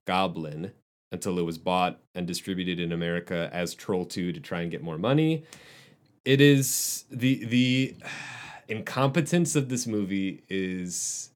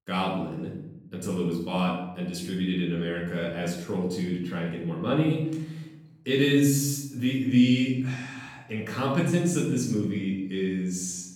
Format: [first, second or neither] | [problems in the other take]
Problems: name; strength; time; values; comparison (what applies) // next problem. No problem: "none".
first | off-mic speech; far // room echo; noticeable; dies away in 0.8 s